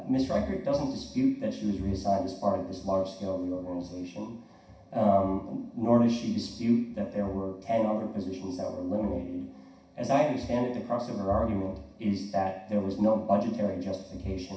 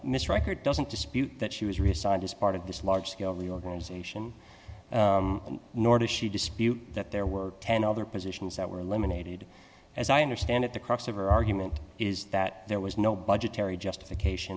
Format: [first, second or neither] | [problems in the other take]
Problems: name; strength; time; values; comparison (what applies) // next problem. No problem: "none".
second | room echo; dies away in 0.6 s